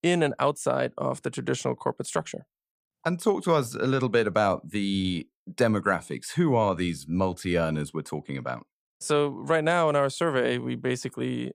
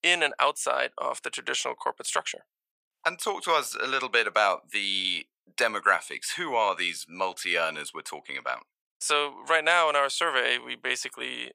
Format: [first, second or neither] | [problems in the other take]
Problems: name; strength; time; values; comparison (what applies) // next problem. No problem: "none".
first | thin; very; fading below 850 Hz